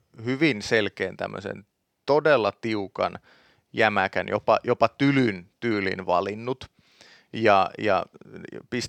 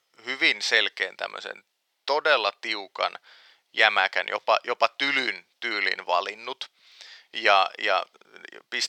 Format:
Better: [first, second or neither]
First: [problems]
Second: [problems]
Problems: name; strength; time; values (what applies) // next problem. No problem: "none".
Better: first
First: none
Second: thin; very; fading below 800 Hz